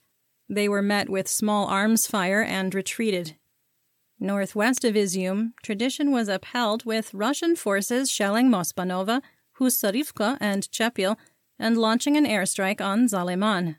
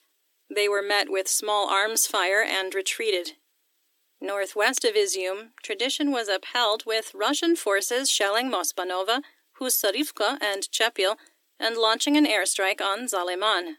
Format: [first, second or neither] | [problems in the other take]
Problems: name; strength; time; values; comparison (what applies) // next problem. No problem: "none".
first | thin; somewhat; fading below 300 Hz